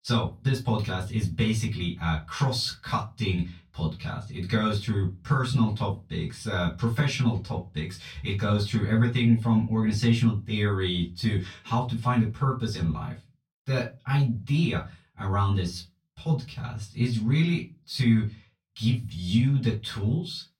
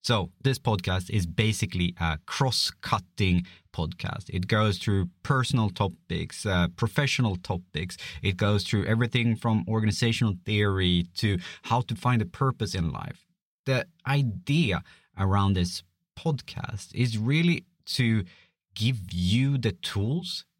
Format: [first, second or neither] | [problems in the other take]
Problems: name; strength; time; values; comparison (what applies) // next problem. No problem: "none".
second | off-mic speech; far // room echo; very slight; dies away in 0.2 s